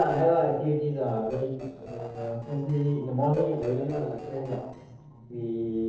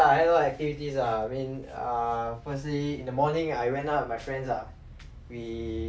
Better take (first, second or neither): second